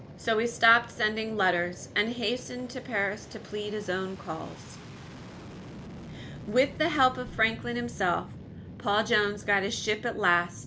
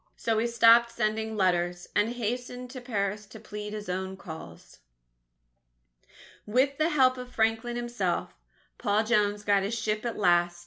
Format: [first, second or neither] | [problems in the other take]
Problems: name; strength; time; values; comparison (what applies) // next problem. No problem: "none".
second | background sound (Fixed-wing aircraft, airplane); 14 dB below the speech